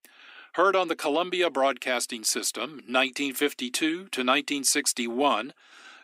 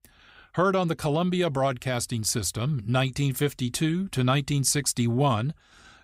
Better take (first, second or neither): second